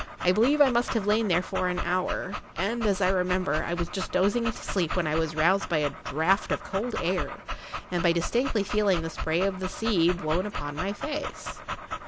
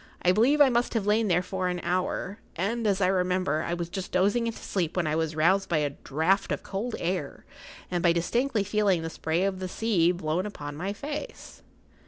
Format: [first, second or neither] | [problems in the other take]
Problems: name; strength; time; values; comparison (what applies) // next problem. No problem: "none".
second | background sound (Dog); 7 dB below the speech